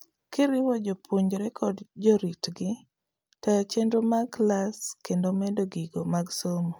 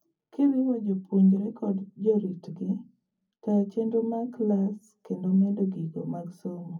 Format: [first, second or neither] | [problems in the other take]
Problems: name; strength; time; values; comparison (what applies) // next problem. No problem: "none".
first | room echo; dies away in 0.3 s